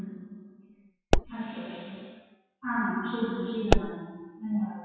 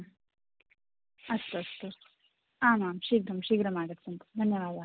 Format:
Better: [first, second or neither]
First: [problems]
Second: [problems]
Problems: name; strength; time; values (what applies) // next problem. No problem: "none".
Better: second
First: noise reduction (classical method WPE with log-MMSE)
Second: none